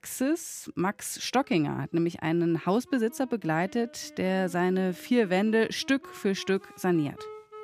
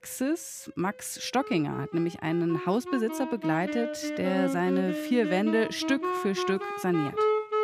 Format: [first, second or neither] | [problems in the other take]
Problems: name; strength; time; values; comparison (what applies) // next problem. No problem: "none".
first | background music; loud; throughout; 3 dB below the speech; faint in the first